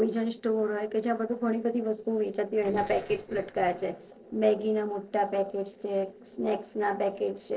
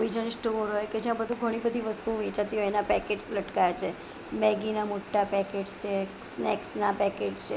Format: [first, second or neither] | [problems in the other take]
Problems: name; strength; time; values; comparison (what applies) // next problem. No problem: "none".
second | noise reduction (neural separator model SepFormer DNS4)